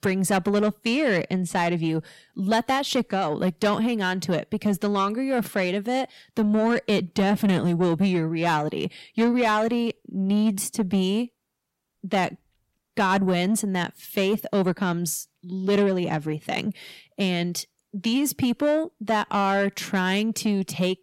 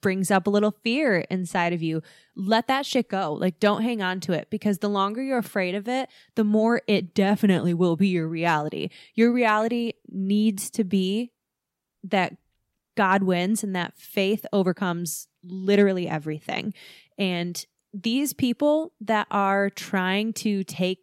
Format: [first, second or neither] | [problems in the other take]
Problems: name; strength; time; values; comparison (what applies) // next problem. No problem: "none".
second | distortion; slight; 10 dB below the speech